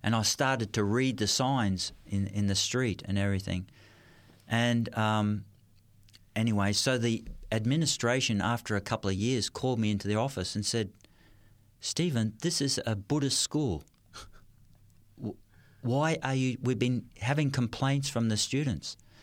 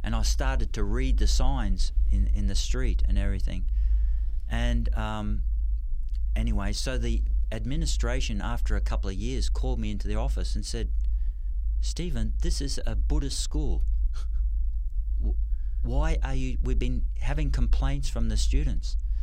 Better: first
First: none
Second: low rumble; noticeable; throughout; 15 dB below the speech

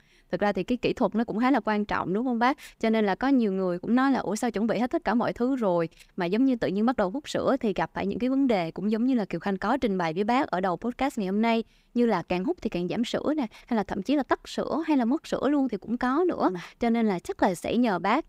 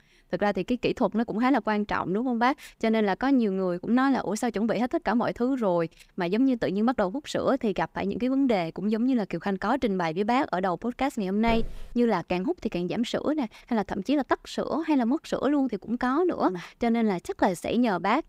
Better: first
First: none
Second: footsteps; faint; at 11 s; peak 10 dB below the speech

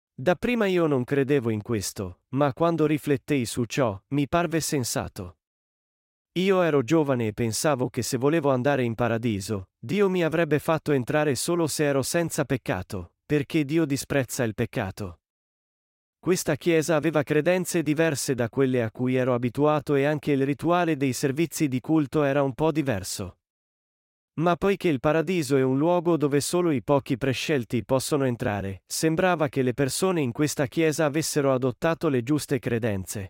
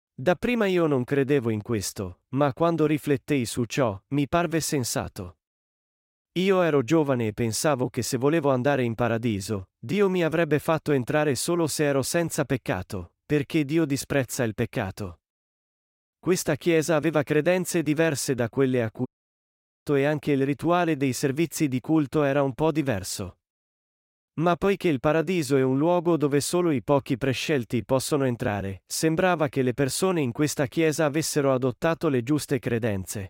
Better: first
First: none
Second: audio cutting out; at 19 s for 1 s

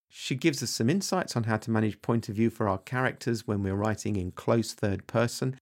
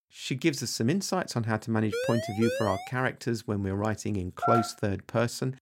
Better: first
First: none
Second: siren; noticeable; at 2 s; peak 3 dB below the speech // phone ringing; loud; at 4.5 s; peak 1 dB above the speech

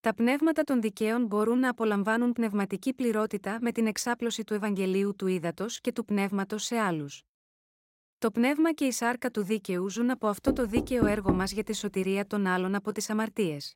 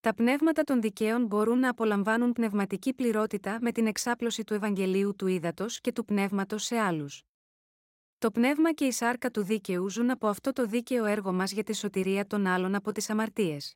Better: second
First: door banging; loud; at 10 s; peak level with the speech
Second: none

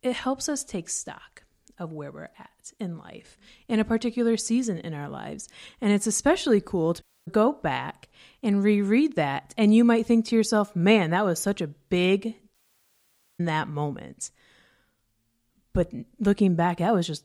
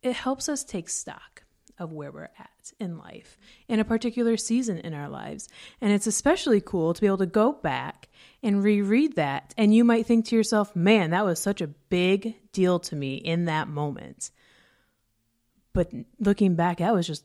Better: second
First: audio cutting out; at 7 s and at 13 s for 1 s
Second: none

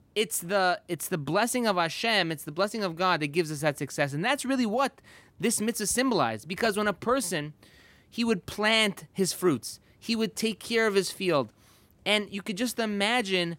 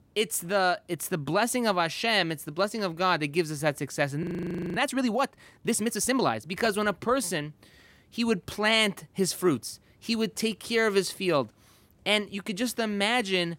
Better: first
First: none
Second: audio freezing; at 4 s for 0.5 s

